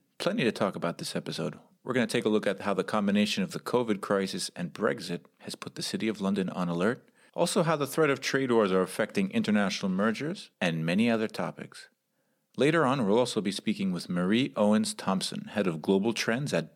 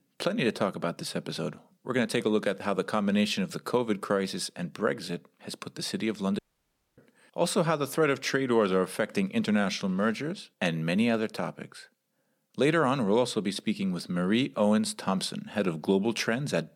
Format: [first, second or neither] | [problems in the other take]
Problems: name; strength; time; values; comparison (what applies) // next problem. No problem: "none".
first | audio cutting out; at 6.5 s for 0.5 s